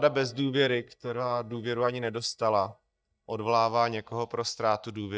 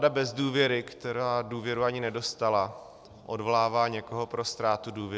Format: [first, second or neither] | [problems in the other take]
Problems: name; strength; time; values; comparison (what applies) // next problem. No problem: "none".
second | noise reduction (neural mask model DeepFilterNet 3)